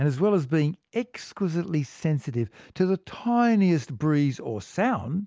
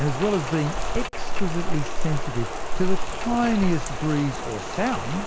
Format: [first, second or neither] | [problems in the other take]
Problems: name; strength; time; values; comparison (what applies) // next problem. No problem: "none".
first | background sound (Rain); 2 dB above the speech